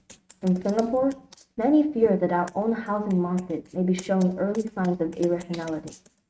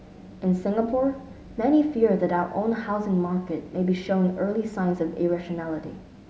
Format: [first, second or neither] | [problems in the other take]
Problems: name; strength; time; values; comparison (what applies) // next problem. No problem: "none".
second | noise reduction (neural mask model RNNoise)